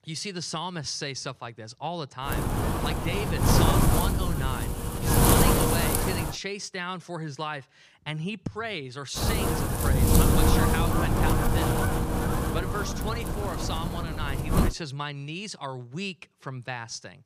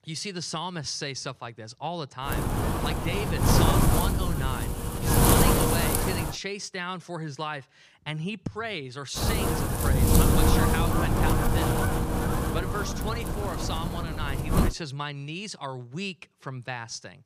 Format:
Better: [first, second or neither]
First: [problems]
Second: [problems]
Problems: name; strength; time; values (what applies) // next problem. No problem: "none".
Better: neither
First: wind noise on the microphone; heavy; from 2.5 to 6.5 s and from 9 to 15 s; 5 dB above the speech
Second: wind noise on the microphone; heavy; from 2.5 to 6.5 s and from 9 to 15 s; 5 dB above the speech